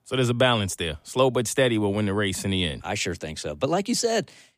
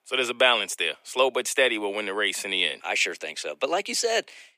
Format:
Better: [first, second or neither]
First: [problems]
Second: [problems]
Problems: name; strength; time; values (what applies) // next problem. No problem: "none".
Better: first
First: none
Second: thin; very; fading below 400 Hz